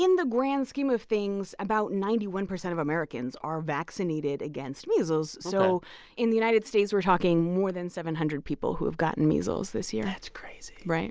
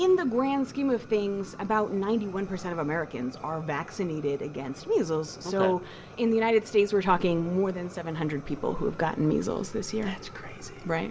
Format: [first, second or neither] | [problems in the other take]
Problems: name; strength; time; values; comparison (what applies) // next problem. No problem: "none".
first | background sound (Fire); 17 dB below the speech // room echo; dies away in 0.4 s